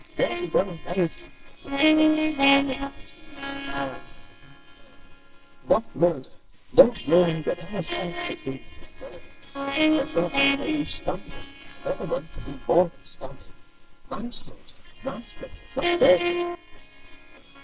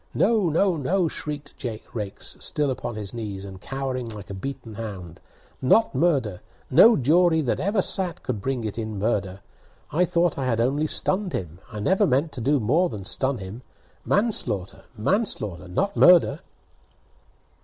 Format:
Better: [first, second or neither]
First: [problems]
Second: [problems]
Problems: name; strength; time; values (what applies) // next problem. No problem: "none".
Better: second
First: noise reduction (neural separator model SepFormer WHAMR!)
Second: none